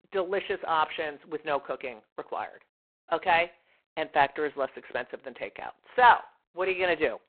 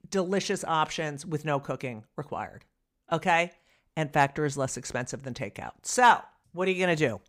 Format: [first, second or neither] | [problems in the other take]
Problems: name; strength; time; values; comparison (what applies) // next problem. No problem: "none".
second | phone-call audio; poor line; nothing above 3.5 kHz